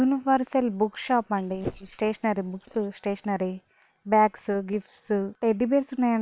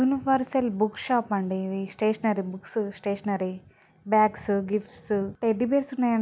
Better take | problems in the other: second | noise reduction (neural separator model SepFormer WHAM!)

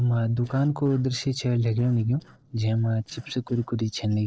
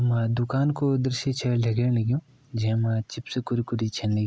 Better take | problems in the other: second | noise reduction (neural separator model SepFormer DNS4)

